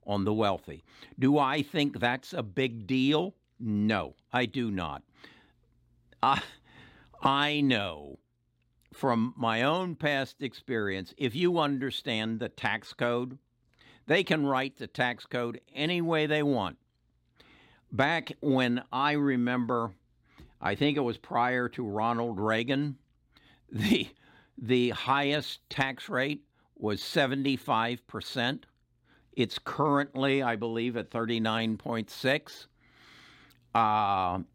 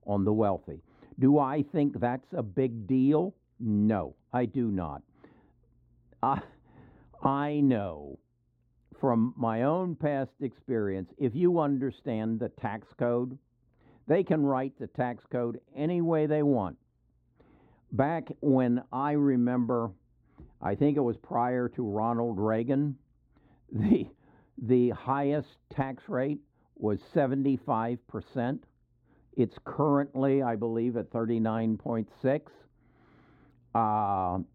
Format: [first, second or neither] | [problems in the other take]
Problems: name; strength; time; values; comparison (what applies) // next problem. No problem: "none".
first | muffled; very; fading above 2 kHz